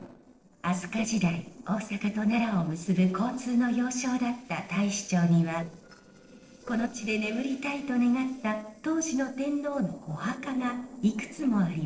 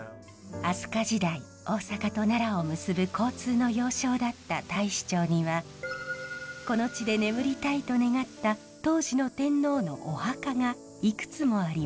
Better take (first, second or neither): second